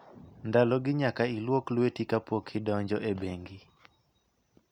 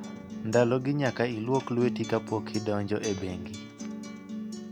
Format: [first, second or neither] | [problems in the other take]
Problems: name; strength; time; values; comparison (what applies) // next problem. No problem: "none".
first | background sound (Acoustic guitar); 9 dB below the speech